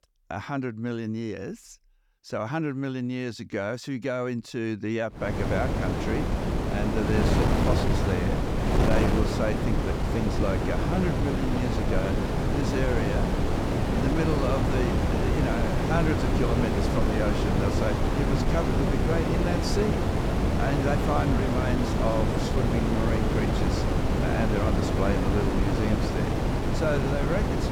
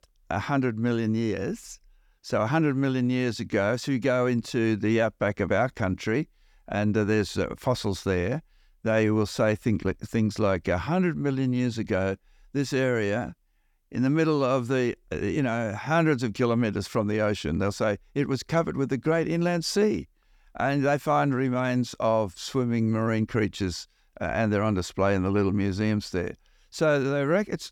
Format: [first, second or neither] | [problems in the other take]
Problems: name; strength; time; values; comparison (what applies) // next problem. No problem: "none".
second | wind noise on the microphone; heavy; from 5.5 s on; 2 dB above the speech